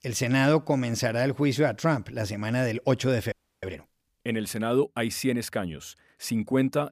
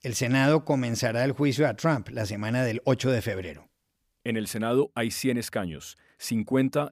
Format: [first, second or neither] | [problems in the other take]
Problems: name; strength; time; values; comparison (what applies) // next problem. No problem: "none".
second | audio freezing; at 3.5 s